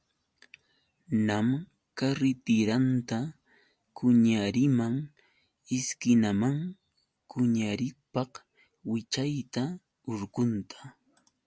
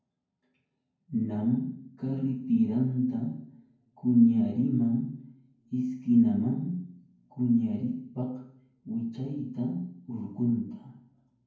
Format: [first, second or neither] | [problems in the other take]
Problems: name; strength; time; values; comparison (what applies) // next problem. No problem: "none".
first | room echo; dies away in 0.9 s